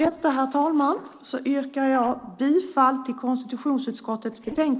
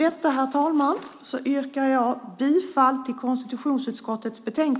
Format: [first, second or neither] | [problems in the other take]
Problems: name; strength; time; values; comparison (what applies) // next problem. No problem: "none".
second | noise reduction (neural separator model SepFormer DNS4)